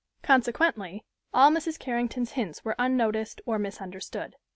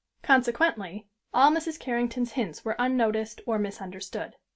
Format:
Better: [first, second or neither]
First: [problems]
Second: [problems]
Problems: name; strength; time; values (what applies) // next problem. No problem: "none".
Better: first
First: none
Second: room echo; dies away in 0.2 s